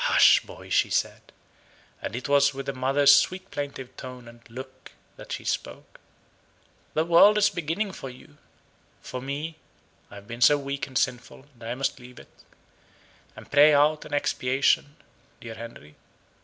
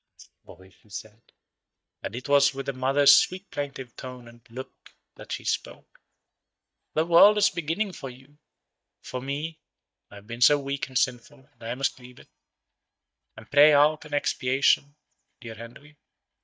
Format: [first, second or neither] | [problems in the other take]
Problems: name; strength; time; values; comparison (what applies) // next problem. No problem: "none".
first | noise reduction (neural mask model DeepFilterNet 3)